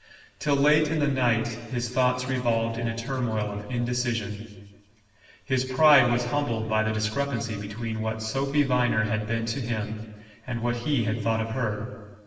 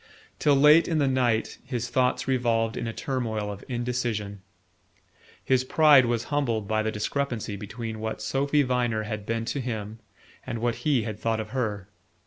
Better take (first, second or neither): second